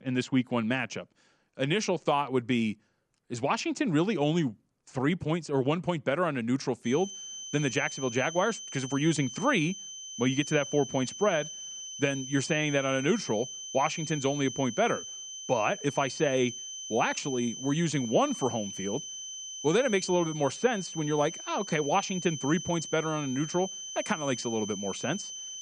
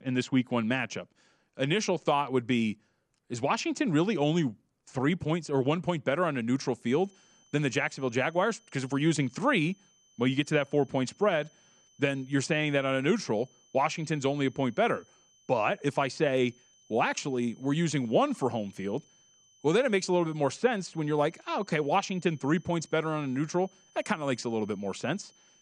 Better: second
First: high-pitched whine; loud; from 7 s on; 6 kHz, 9 dB below the speech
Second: high-pitched whine; faint; from 7 s on; 6 kHz, 30 dB below the speech

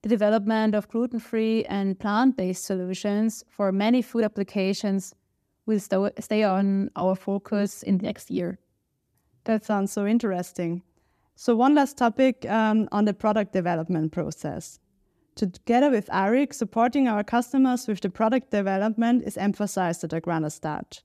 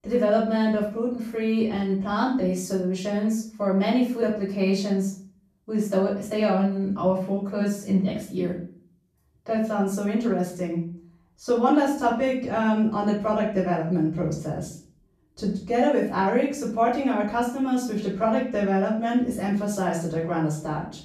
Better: first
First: none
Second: off-mic speech; far // room echo; noticeable; dies away in 0.4 s

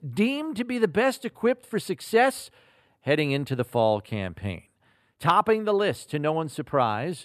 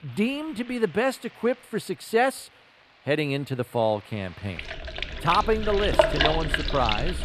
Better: first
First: none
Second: household noises; loud; throughout; as loud as the speech

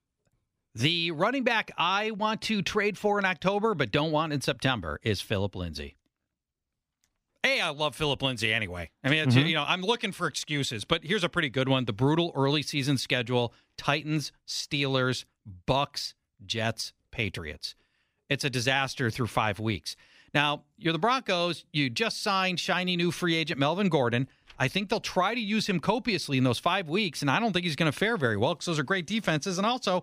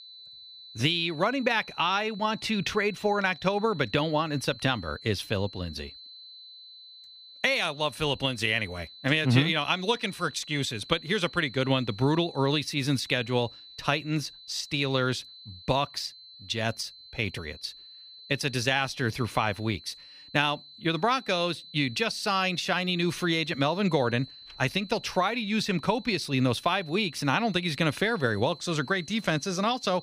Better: first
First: none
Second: high-pitched whine; noticeable; throughout; 4 kHz, 20 dB below the speech

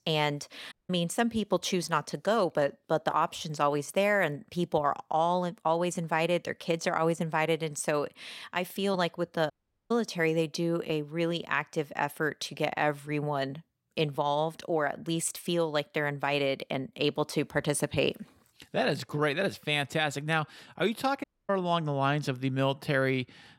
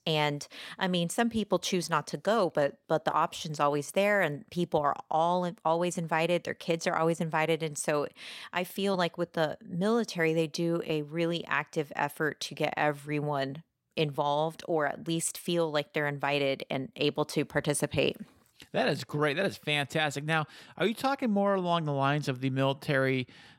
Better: second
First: audio cutting out; at 0.5 s, at 9.5 s and at 21 s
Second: none

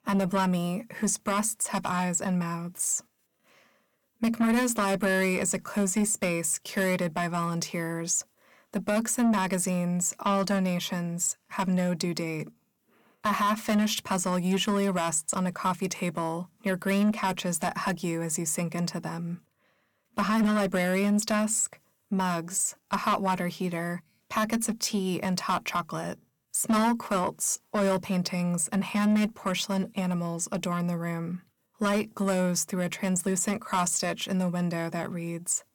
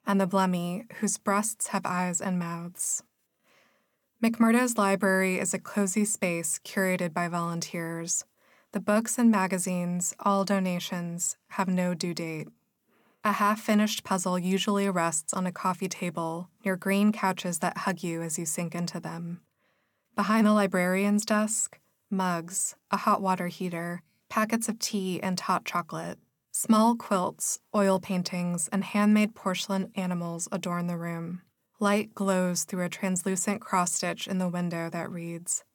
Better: second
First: distortion; slight; 10 dB below the speech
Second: none

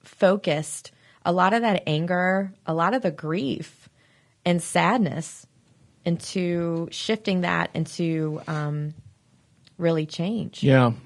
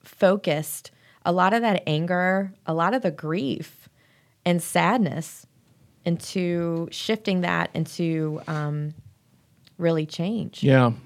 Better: second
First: garbled, watery; slightly; nothing above 10.5 kHz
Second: none

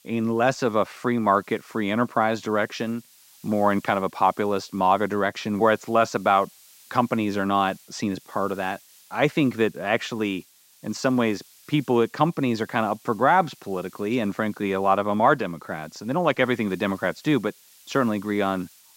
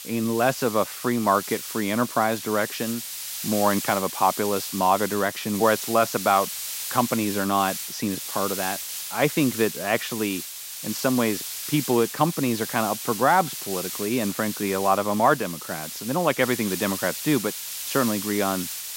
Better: first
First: hiss; faint; throughout; 25 dB below the speech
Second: hiss; loud; throughout; 6 dB below the speech

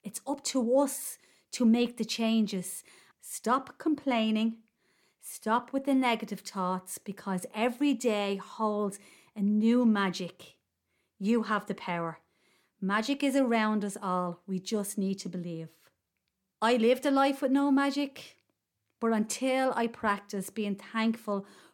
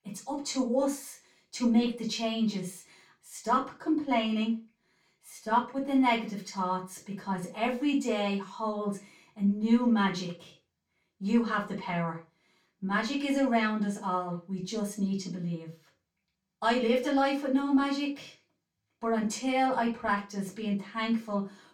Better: first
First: none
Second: room echo; slight; dies away in 0.2 s // off-mic speech; far

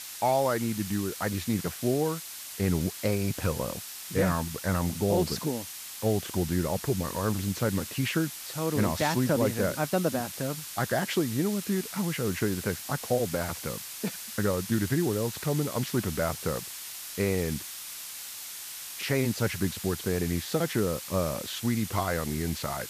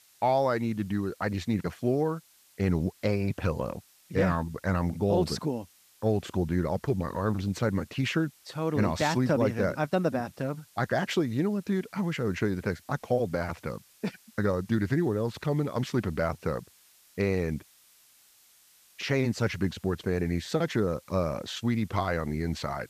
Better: second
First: hiss; loud; throughout; 8 dB below the speech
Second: hiss; faint; throughout; 30 dB below the speech

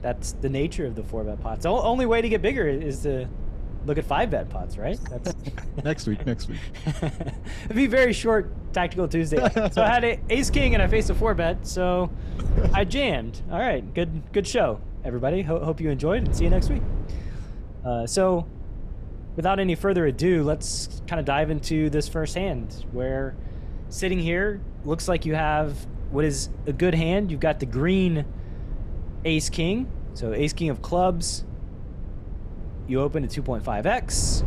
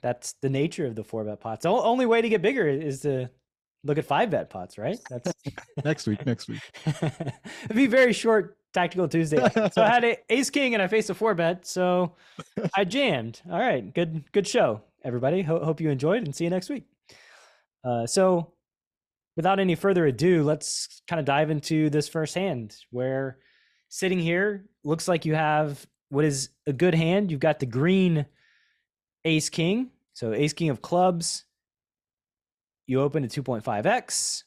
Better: second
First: wind noise on the microphone; occasional gusts; 20 dB below the speech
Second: none

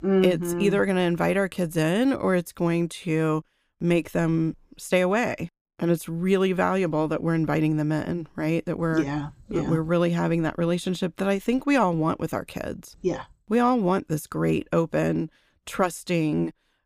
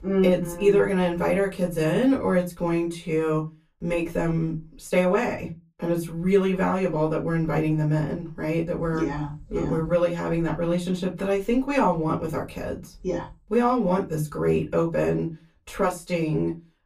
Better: first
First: none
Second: off-mic speech; far // room echo; very slight; dies away in 0.2 s

